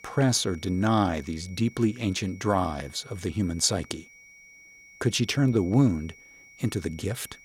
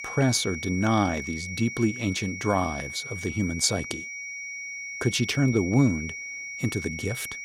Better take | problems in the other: first | high-pitched whine; loud; throughout; 2 kHz, 8 dB below the speech; faint in the first

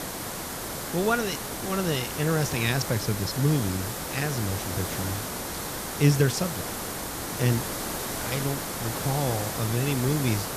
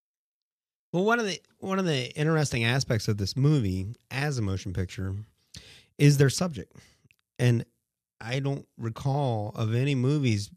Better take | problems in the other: second | hiss; loud; throughout; 4 dB below the speech

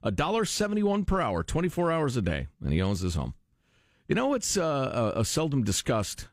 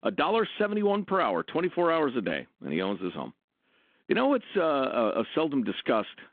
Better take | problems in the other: first | phone-call audio

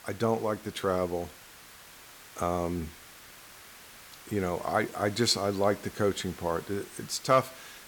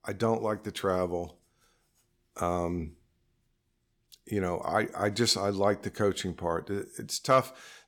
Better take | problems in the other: second | hiss; noticeable; throughout; 20 dB below the speech

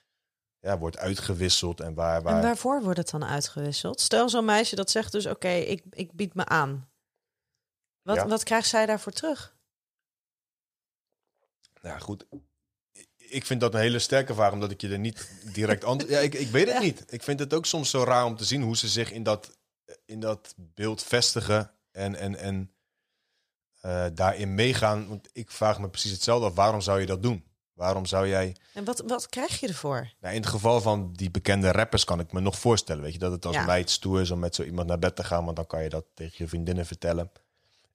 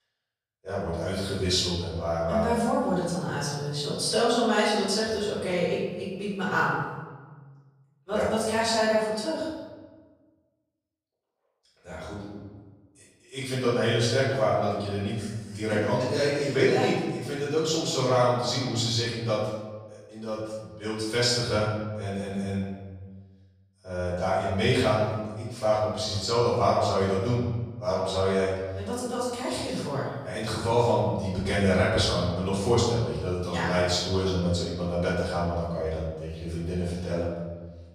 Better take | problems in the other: first | off-mic speech; far // room echo; strong; dies away in 1.2 s

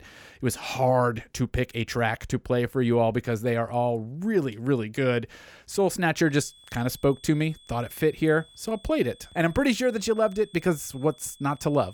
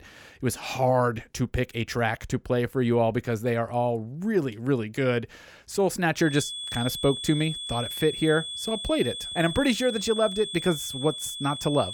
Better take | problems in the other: first | high-pitched whine; loud; from 6.5 s on; 3.5 kHz, 6 dB below the speech; faint in the first

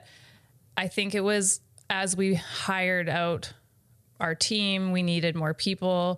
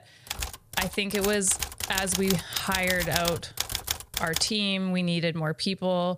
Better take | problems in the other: first | keyboard typing; noticeable; until 4.5 s; peak 2 dB below the speech

